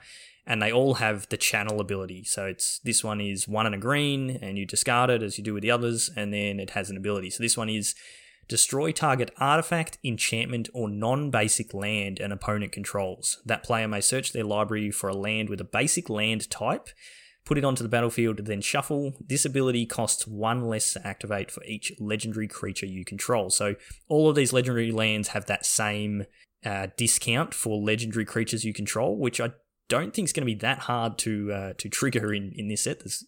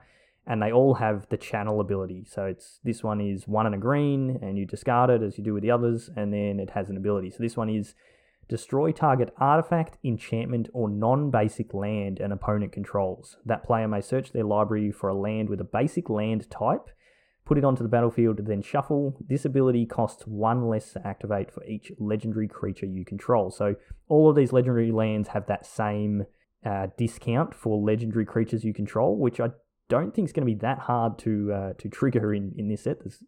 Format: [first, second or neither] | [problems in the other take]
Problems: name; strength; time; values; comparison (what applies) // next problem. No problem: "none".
first | muffled; very; fading above 2 kHz